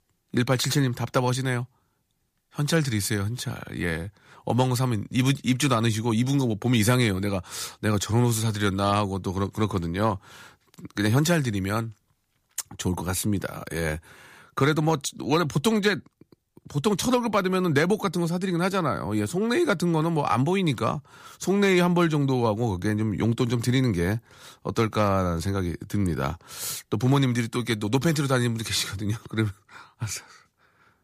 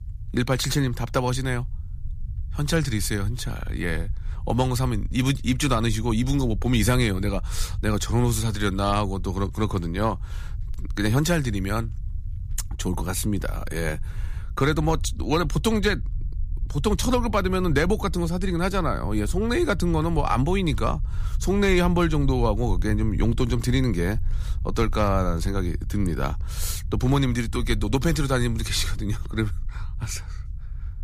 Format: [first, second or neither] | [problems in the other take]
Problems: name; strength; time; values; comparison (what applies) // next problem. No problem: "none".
first | low rumble; faint; throughout; 25 dB below the speech